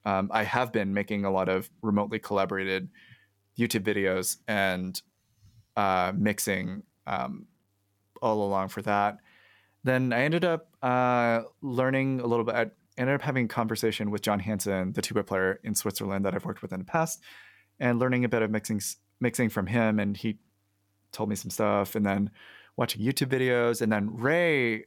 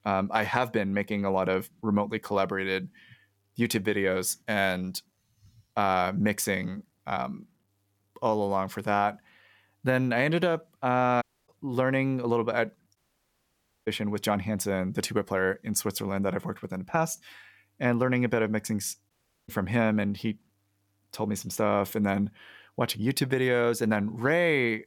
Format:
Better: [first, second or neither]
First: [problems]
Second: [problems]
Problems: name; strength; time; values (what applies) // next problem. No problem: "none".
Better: first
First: none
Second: audio cutting out; at 11 s, at 13 s for 1 s and at 19 s